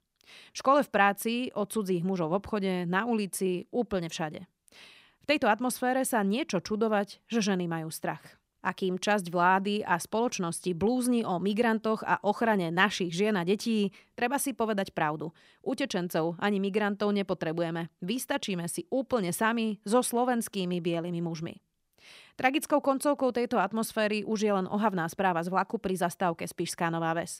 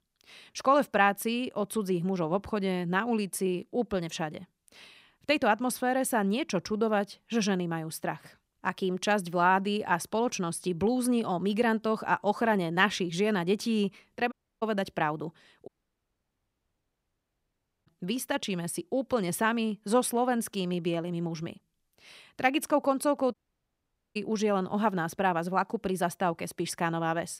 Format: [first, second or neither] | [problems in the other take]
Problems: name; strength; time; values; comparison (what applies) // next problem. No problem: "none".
first | audio cutting out; at 14 s, at 16 s for 2 s and at 23 s for 1 s